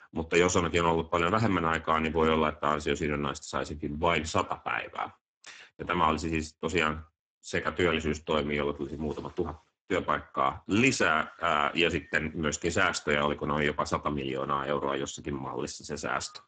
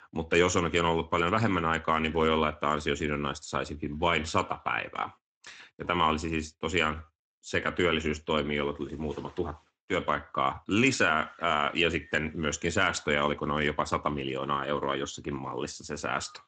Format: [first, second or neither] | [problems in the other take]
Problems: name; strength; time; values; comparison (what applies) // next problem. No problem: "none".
second | garbled, watery; badly; nothing above 7.5 kHz; slightly in the second